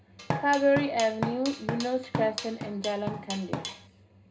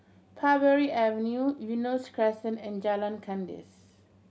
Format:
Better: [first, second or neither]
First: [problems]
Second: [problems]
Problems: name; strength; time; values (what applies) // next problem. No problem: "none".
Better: second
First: background sound (Drum kit); 6 dB below the speech // room echo; dies away in 0.2 s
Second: none